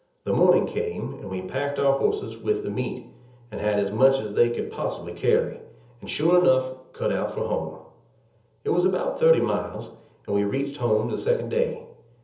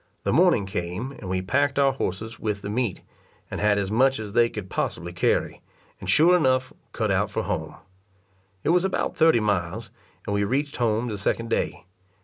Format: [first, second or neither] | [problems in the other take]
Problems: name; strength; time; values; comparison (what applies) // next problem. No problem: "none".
second | room echo; dies away in 0.7 s